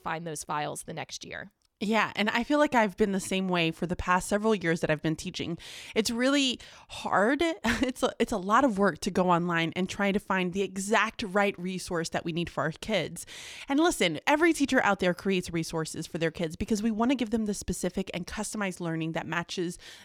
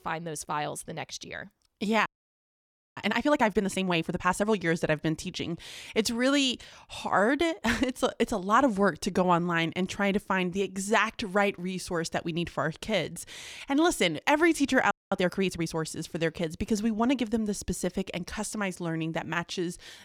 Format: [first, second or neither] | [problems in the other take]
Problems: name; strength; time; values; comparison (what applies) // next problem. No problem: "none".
first | audio freezing; at 2 s for 1 s and at 15 s